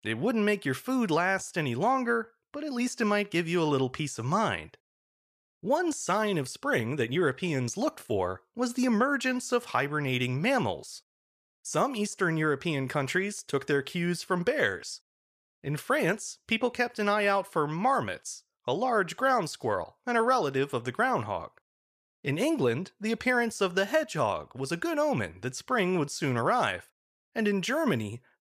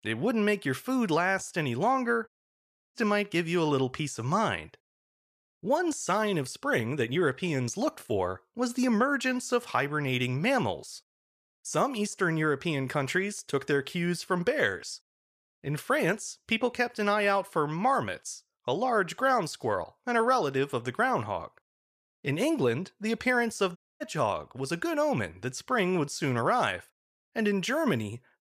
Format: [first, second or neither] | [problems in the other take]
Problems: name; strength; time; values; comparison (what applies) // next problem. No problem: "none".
first | audio cutting out; at 2.5 s for 0.5 s and at 24 s